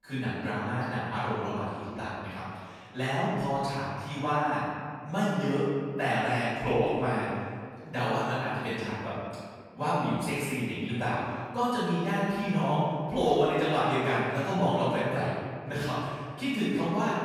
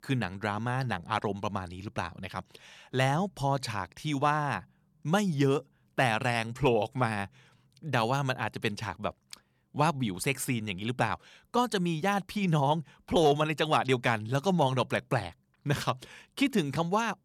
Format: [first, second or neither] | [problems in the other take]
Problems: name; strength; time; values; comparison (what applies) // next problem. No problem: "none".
second | off-mic speech; far // room echo; strong; dies away in 1.8 s